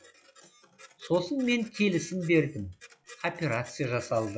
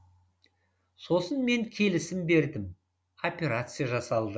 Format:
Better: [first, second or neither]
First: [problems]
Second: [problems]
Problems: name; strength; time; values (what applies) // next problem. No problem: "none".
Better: second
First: noise reduction (classical method log-MMSE)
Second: none